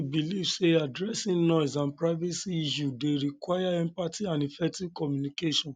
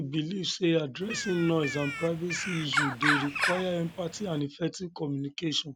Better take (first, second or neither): first